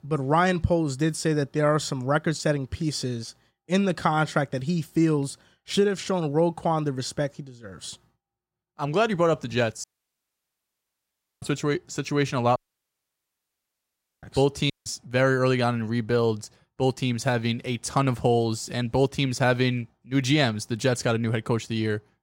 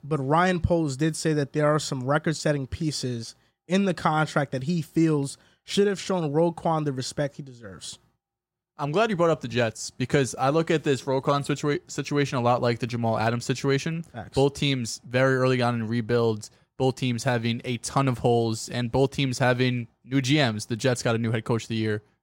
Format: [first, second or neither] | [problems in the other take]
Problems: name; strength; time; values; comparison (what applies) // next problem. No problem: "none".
second | audio cutting out; at 10 s for 1.5 s, at 13 s for 1.5 s and at 15 s